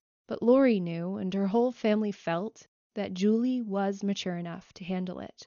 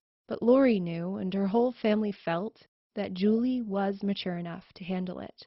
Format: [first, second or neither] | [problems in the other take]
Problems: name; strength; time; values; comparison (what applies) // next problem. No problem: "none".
first | garbled, watery; badly; nothing above 5.5 kHz; slightly in the first